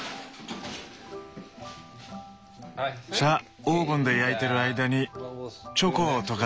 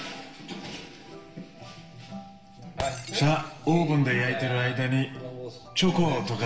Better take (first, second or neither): first